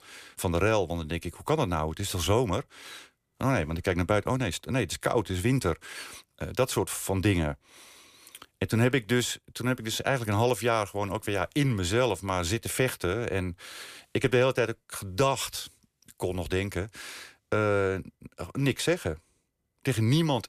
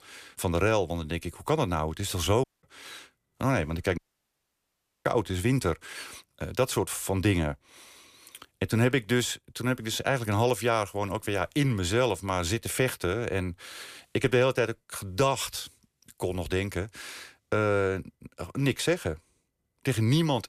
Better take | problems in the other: first | audio cutting out; at 2.5 s and at 4 s for 1 s

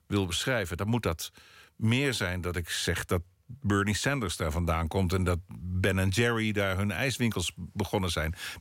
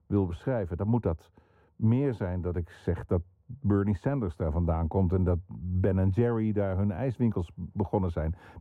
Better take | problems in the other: first | muffled; very; fading above 1.5 kHz

